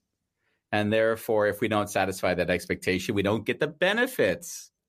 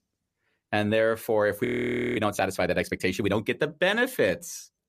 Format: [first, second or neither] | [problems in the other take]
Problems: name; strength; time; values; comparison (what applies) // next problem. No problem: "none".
first | audio freezing; at 1.5 s for 0.5 s